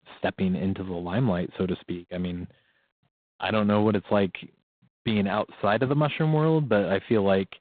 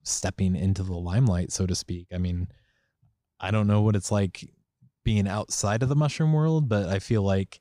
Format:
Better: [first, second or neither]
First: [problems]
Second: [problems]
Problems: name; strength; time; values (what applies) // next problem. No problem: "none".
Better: second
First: phone-call audio; poor line; nothing above 4 kHz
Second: none